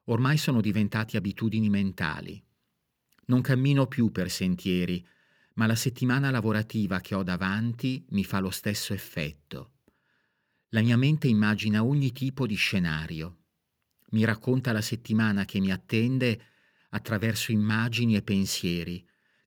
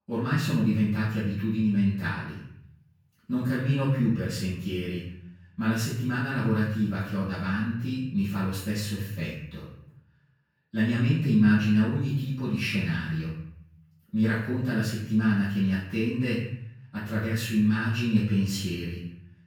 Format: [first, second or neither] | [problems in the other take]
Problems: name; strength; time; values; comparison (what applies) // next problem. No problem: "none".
first | off-mic speech; far // room echo; noticeable; dies away in 0.7 s